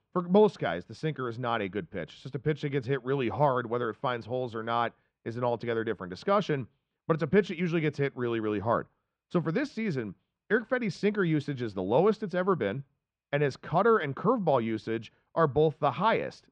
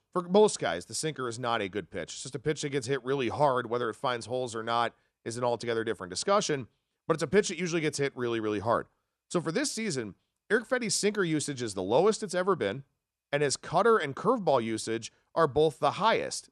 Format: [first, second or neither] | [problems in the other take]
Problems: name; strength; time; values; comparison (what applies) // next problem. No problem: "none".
second | muffled; very; fading above 3 kHz